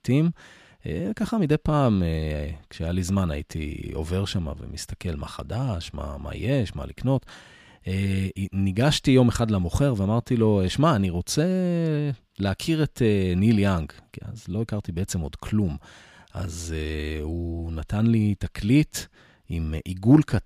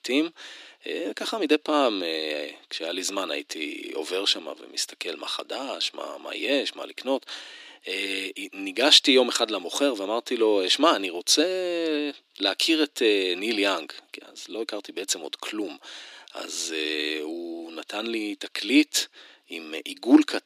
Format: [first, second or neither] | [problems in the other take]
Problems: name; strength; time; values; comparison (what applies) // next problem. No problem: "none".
first | thin; somewhat; fading below 300 Hz